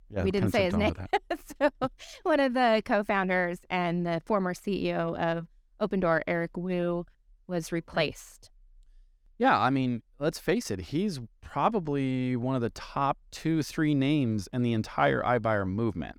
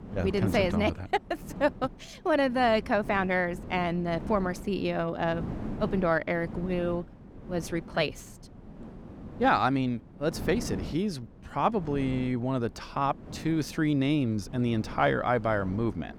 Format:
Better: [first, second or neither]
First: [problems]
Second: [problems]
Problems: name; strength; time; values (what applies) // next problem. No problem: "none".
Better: first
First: none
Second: wind noise on the microphone; occasional gusts; 20 dB below the speech